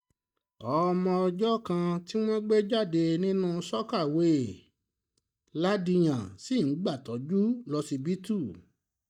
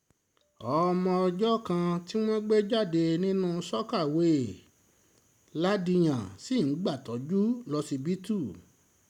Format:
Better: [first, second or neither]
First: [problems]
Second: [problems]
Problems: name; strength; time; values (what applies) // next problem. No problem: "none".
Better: second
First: noise reduction (neural mask model DeepFilterNet 3)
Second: none